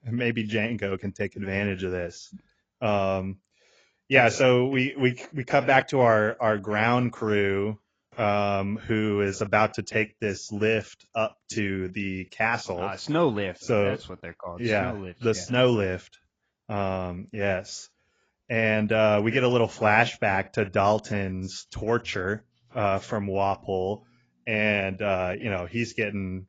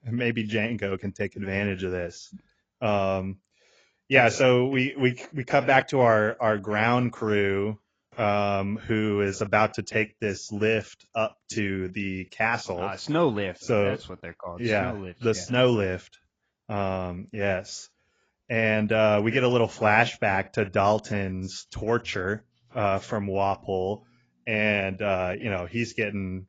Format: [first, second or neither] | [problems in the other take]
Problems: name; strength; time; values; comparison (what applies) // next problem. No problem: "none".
neither | garbled, watery; badly; nothing above 7.5 kHz; the same in both